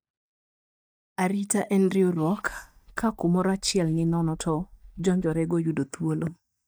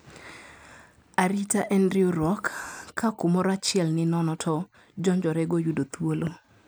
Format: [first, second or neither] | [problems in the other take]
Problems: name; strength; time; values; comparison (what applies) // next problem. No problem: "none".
second | noise reduction (neural mask model DeepFilterNet 3)